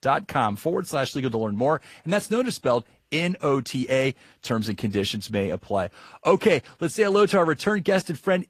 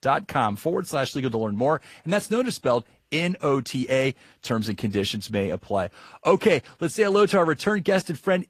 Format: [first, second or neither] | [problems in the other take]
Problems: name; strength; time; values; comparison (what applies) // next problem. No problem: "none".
neither | garbled, watery; slightly; nothing above 14.5 kHz; the same in both